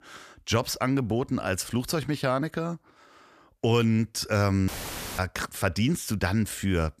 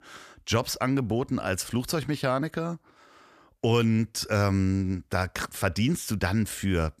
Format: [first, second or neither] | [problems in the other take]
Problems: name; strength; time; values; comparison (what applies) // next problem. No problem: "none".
second | audio cutting out; filled with static; at 4.5 s for 0.5 s